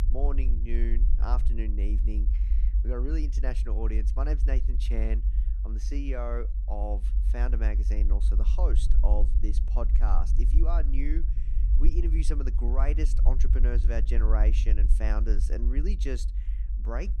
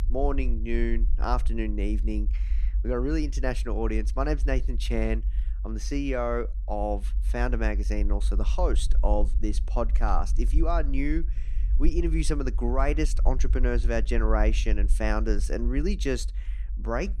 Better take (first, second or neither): second